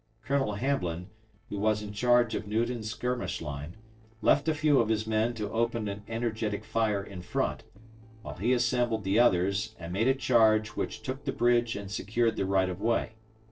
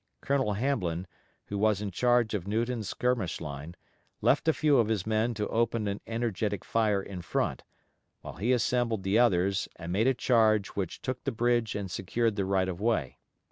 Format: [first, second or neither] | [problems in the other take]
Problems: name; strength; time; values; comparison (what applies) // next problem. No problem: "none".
second | noise reduction (neural separator model SepFormer DNS4)